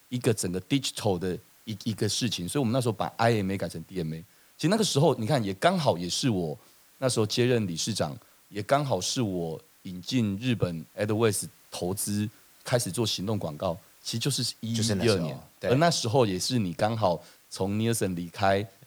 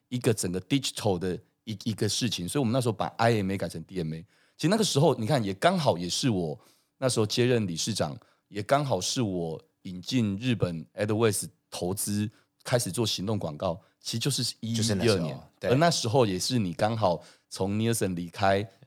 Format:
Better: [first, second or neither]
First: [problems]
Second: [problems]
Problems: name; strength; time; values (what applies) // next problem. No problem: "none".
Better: second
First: hiss; faint; throughout; 30 dB below the speech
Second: none